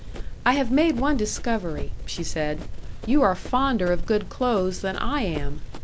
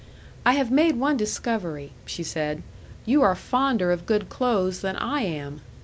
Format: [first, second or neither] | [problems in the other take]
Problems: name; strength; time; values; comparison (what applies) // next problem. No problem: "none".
second | background sound (Run); 4 dB below the speech